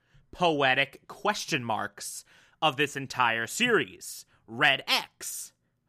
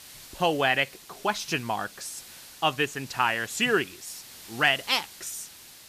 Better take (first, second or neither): first